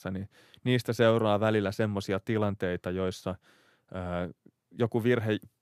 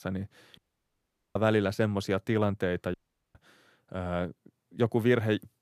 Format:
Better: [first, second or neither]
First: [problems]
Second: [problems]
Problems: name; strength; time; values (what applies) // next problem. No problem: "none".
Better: first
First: none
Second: audio cutting out; at 0.5 s for 1 s and at 3 s